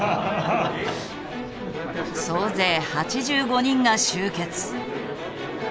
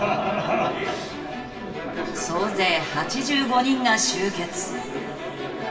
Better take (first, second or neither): first